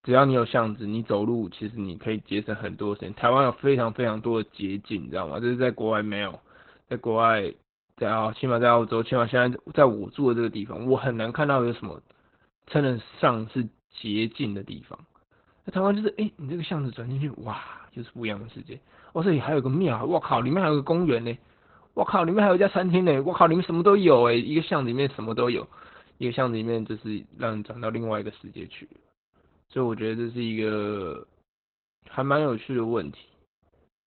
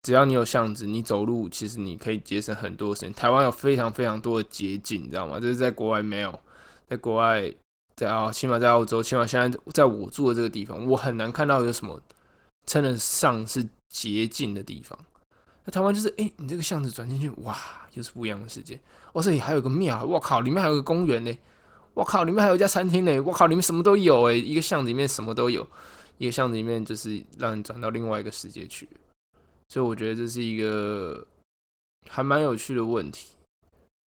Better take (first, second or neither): second